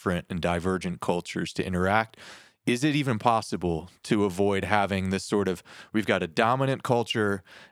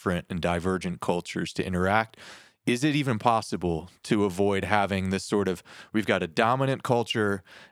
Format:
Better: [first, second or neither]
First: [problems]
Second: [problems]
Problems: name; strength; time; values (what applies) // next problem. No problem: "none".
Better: neither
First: none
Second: none